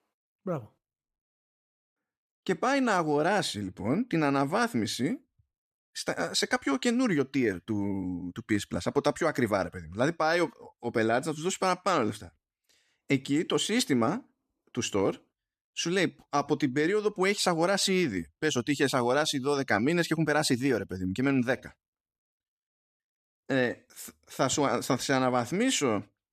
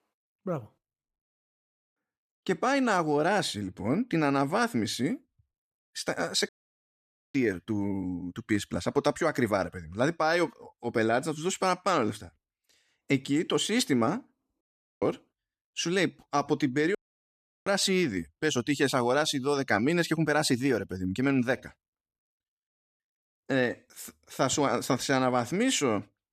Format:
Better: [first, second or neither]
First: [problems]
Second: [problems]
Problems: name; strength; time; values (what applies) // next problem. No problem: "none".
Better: first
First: none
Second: audio cutting out; at 6.5 s for 1 s, at 15 s and at 17 s for 0.5 s